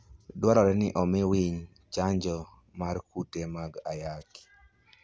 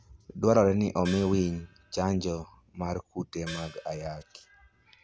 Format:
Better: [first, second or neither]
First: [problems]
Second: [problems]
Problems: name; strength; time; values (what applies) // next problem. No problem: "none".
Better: first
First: none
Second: background sound (Gong); 18 dB below the speech